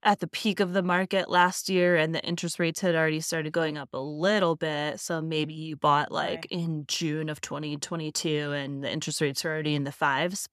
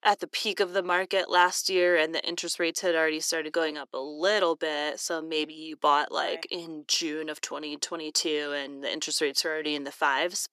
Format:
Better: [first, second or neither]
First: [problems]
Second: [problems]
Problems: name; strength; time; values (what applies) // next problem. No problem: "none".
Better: first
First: none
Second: thin; somewhat; fading below 350 Hz